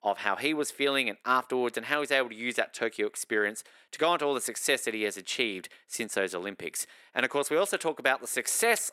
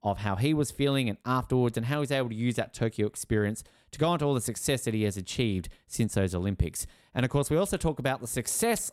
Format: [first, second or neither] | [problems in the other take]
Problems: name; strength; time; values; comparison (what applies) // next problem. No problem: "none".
second | thin; very; fading below 350 Hz